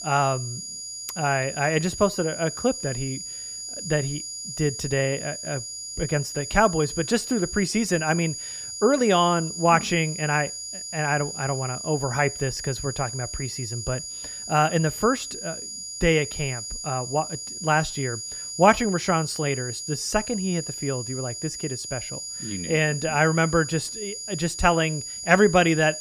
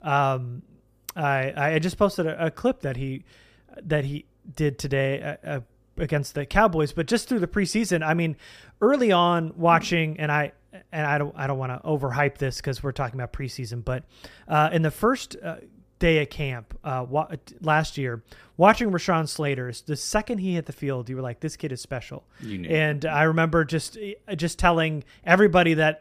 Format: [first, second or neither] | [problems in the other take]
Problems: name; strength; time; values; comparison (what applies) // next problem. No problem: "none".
second | high-pitched whine; loud; throughout; 7 kHz, 7 dB below the speech